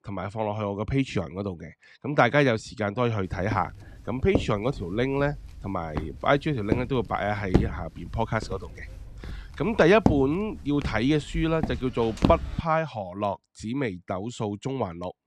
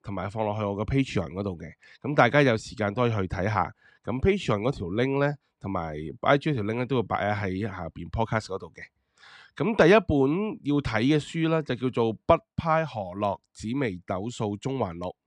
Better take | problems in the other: second | footsteps; loud; from 3.5 to 13 s; peak 1 dB above the speech

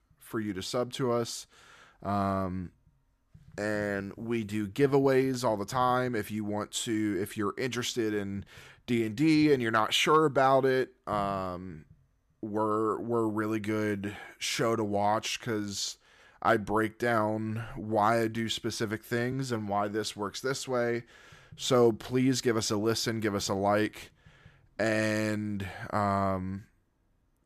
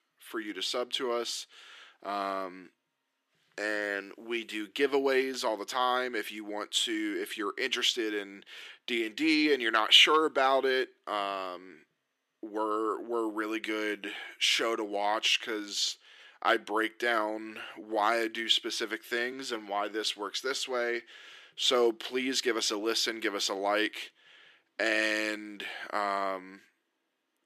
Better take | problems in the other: first | thin; somewhat; fading below 300 Hz

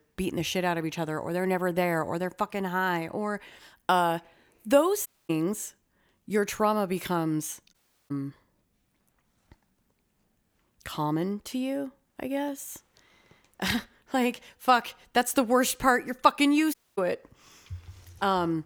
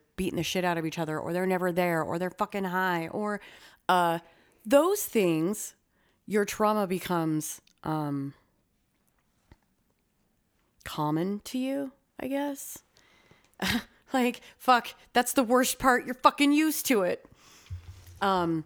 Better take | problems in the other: second | audio cutting out; at 5 s, at 7.5 s and at 17 s

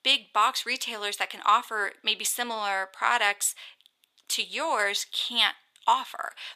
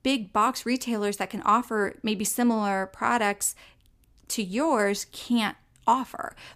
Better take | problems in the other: second | thin; very; fading below 700 Hz

